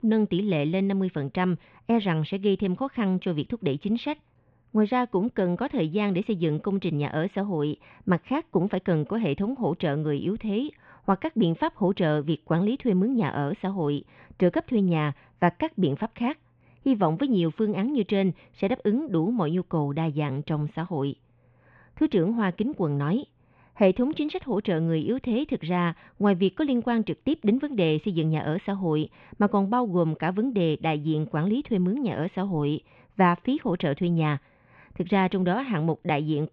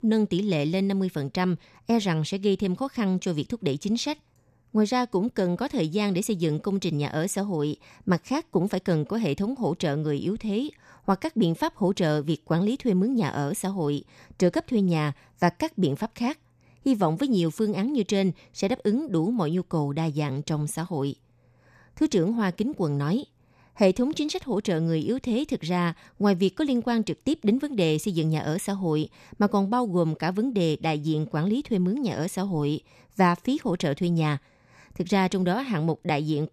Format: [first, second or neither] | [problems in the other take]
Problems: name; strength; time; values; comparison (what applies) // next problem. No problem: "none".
second | muffled; very; fading above 3 kHz